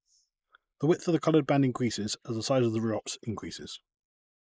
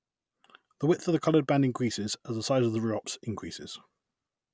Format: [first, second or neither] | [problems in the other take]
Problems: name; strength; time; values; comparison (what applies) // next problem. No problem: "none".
second | noise reduction (neural mask model Resemble Enhance denoiser)